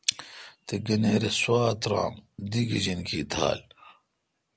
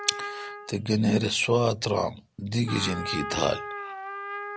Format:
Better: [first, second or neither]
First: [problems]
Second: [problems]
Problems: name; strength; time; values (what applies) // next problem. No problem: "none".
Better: first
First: none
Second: background sound (Trumpet); 10 dB below the speech